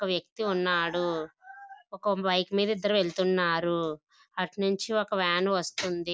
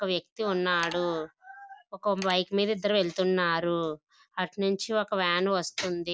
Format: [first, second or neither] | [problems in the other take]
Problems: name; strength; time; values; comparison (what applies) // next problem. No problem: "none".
first | background sound (Mechanisms); 13 dB below the speech